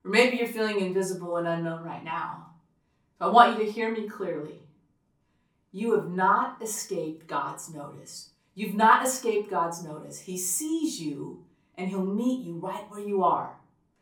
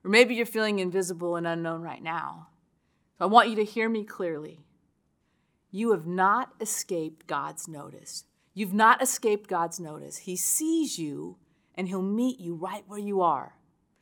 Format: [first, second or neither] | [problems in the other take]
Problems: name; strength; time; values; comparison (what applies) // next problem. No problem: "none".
second | off-mic speech; far // room echo; very slight; dies away in 0.3 s